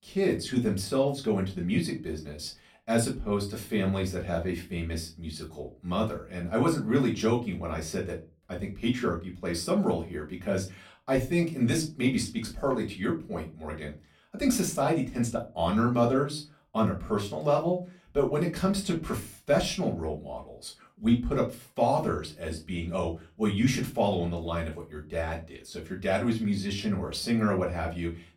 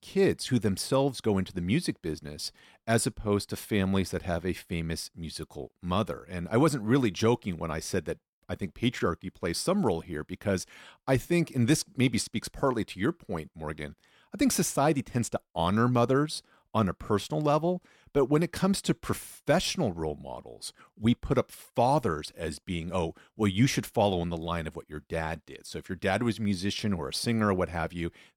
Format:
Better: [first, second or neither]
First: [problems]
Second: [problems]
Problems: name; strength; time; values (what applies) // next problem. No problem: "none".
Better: second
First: off-mic speech; far // room echo; very slight; dies away in 0.2 s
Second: none